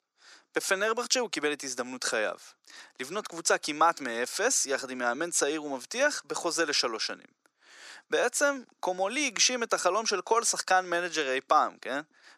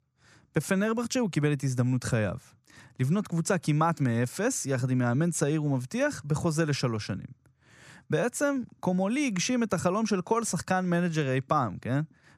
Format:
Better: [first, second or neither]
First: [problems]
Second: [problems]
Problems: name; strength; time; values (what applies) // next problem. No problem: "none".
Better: second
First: thin; very; fading below 350 Hz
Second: none